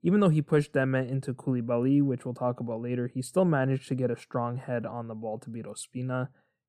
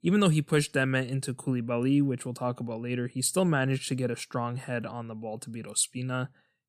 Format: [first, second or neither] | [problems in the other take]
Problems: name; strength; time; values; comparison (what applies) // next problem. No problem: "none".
second | muffled; very; fading above 2 kHz